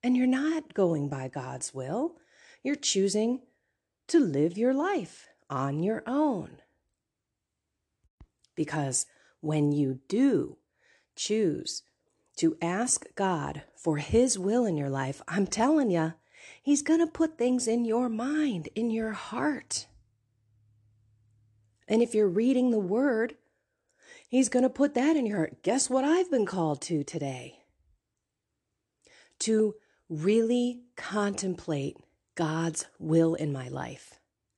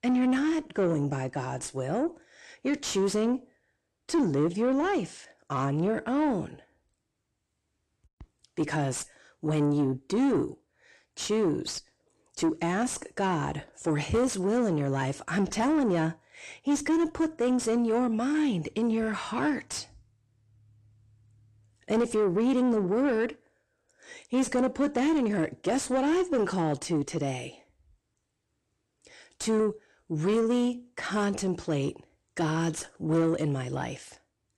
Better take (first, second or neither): first